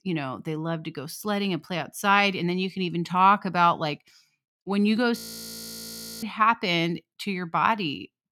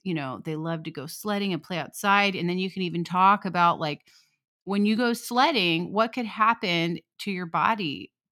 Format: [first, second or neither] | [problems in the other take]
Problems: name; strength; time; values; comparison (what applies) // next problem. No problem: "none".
second | audio freezing; at 5 s for 1 s